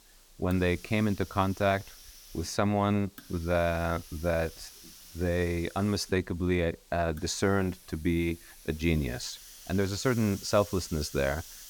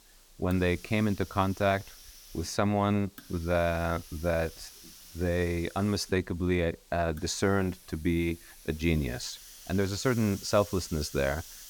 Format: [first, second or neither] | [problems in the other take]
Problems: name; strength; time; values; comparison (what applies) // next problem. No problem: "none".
neither | hiss; noticeable; throughout; 20 dB below the speech; the same in both